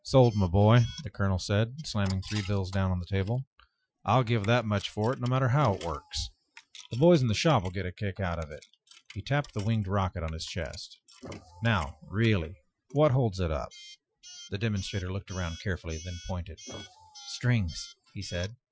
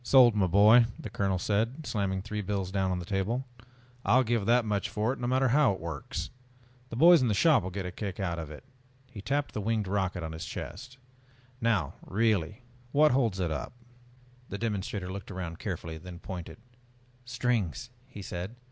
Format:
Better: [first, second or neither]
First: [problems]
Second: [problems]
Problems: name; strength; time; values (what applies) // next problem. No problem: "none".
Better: second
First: noise reduction (classical method Wiener filter)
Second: none